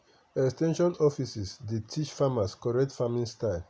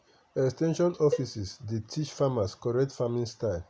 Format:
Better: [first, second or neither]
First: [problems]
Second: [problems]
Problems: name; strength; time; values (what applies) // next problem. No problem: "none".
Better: first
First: none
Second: background sound (Cowbell); 9 dB below the speech